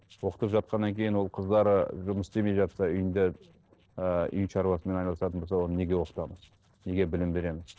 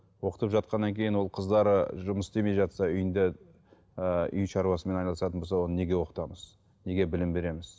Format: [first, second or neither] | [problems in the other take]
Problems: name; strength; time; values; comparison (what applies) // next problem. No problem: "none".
second | noise reduction (neural separator model SepFormer DNS4)